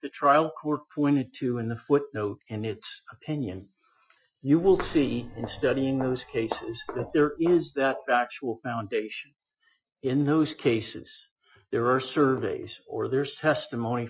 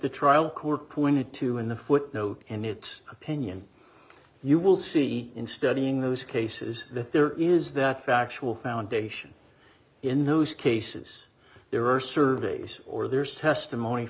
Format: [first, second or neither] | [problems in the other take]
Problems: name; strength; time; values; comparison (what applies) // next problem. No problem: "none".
second | noise reduction (classical method Wiener filter)